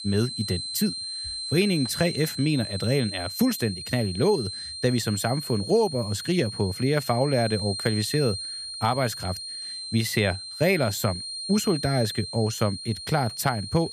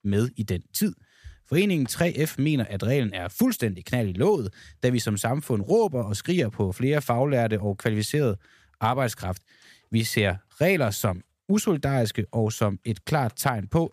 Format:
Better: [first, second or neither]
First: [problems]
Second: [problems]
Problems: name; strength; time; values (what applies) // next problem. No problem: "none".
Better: second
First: high-pitched whine; loud; throughout; 4 kHz, 7 dB below the speech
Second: none